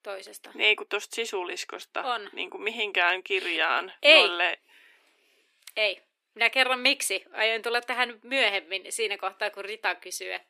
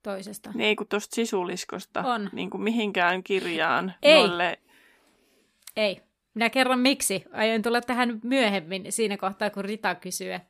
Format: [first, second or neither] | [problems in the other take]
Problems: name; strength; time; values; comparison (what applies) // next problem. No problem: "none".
second | thin; somewhat; fading below 300 Hz